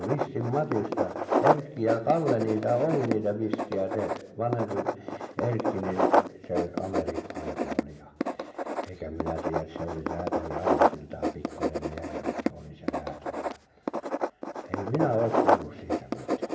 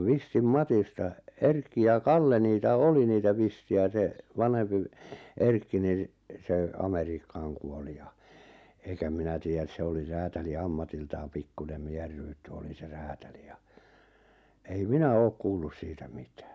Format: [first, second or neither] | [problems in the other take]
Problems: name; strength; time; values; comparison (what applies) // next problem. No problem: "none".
second | background sound (Writing); 2 dB above the speech // room echo; dies away in 1.2 s